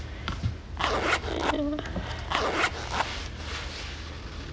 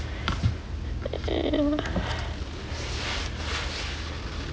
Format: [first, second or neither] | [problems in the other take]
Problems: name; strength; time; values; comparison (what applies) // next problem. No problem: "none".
second | background sound (Zipper (clothing)); 4 dB above the speech